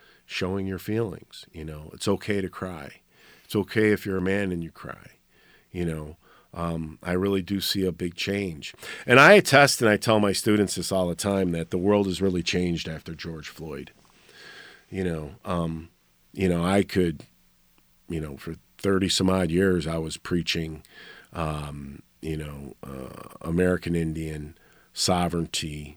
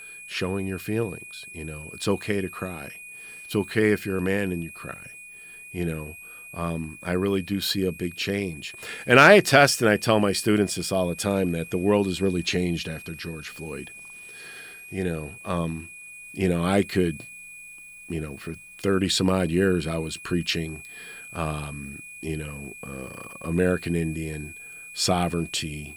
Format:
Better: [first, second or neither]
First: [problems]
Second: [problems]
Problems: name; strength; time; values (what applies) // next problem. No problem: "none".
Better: first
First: none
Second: high-pitched whine; noticeable; throughout; 2.5 kHz, 15 dB below the speech